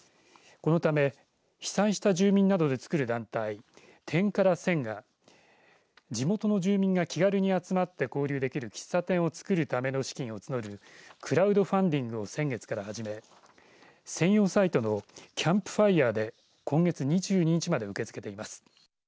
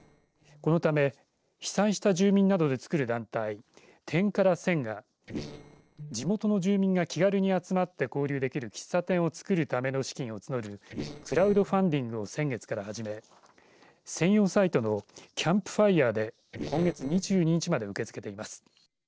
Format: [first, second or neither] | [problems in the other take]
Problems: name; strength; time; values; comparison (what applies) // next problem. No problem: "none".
first | noise reduction (neural separator model SepFormer DNS4)